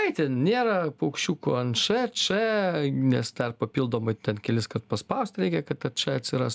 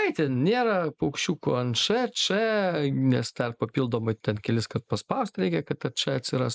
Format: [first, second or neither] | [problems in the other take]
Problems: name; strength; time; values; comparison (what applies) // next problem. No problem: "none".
first | noise reduction (neural mask model Resemble Enhance denoiser)